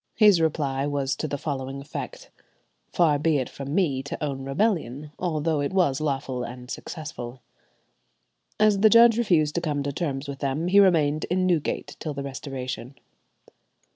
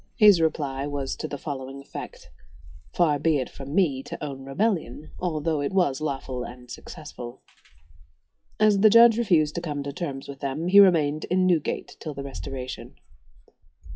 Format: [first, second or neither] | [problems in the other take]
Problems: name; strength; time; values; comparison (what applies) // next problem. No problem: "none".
first | noise reduction (classical method WPE with log-MMSE)